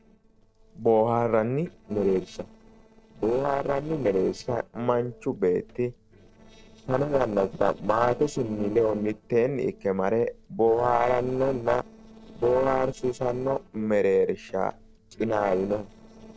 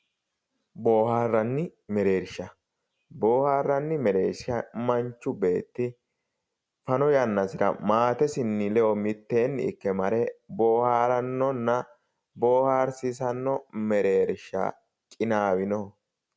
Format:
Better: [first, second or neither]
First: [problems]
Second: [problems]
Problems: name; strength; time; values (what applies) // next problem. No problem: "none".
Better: second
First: noise reduction (neural separator model SepFormer DNS4)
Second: none